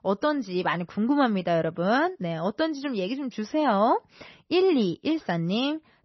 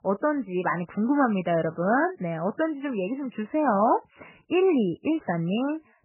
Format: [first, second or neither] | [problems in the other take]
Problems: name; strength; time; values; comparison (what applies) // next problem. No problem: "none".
first | garbled, watery; badly; nothing above 3 kHz; slightly in the first